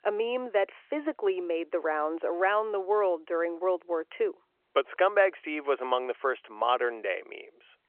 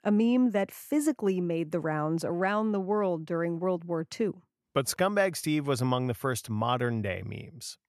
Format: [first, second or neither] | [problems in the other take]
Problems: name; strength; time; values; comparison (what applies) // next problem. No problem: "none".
second | phone-call audio